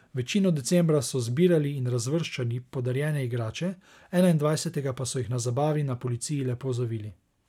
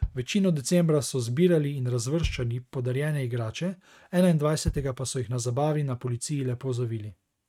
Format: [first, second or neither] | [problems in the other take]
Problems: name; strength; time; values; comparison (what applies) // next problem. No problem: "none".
first | noise reduction (neural mask model RNNoise)